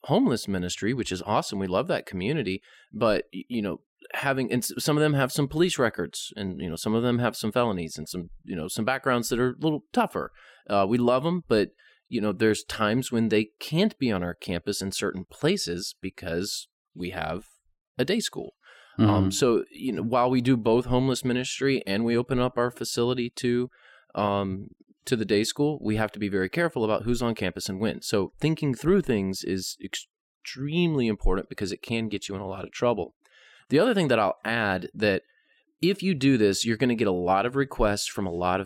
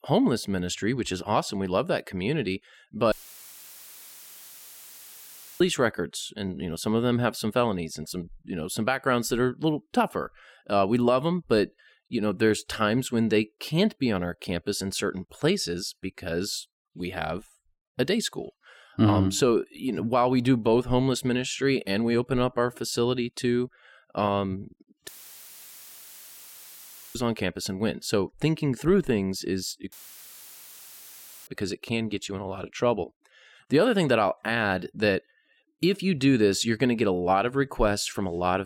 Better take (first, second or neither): first